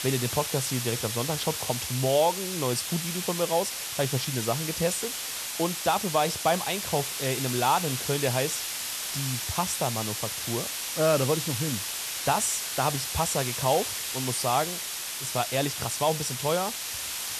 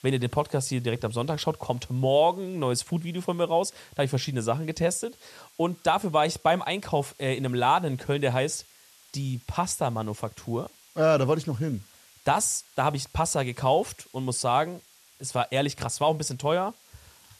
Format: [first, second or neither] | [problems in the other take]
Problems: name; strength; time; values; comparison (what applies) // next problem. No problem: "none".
second | hiss; loud; throughout; 2 dB below the speech; faint in the second